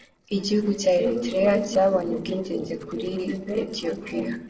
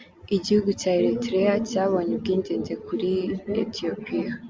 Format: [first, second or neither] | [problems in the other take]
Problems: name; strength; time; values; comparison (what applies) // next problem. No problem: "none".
second | noise reduction (neural separator model SepFormer DNS4)